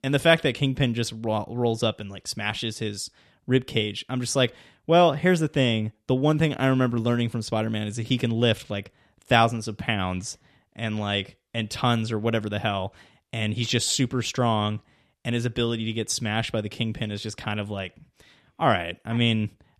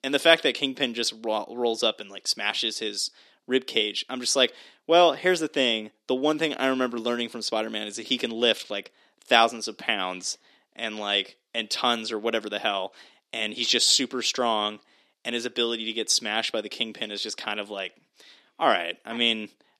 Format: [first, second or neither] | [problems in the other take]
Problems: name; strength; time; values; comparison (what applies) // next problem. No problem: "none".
first | thin; somewhat; fading below 300 Hz